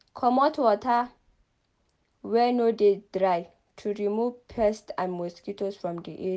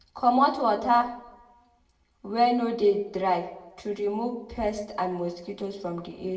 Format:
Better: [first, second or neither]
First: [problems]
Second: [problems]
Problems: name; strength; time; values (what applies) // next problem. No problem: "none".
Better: first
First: none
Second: room echo; dies away in 0.6 s